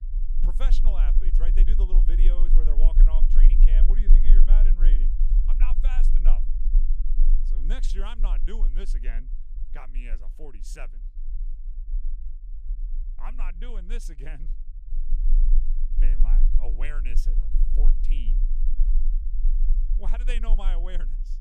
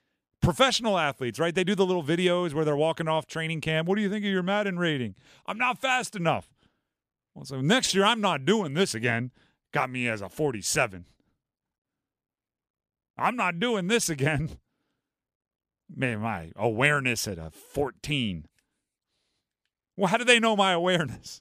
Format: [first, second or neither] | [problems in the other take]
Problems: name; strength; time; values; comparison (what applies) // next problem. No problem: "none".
second | low rumble; loud; throughout; 8 dB below the speech